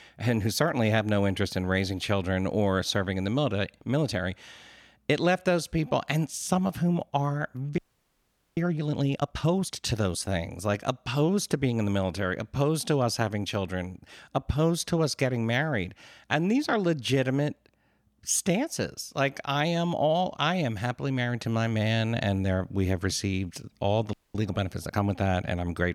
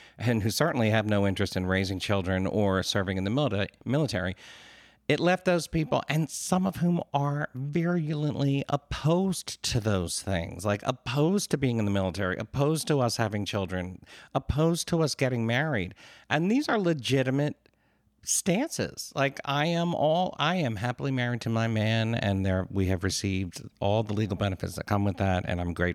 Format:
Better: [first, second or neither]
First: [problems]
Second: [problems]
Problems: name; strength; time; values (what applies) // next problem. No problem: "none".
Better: second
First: audio freezing; at 8 s for 1 s and at 24 s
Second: none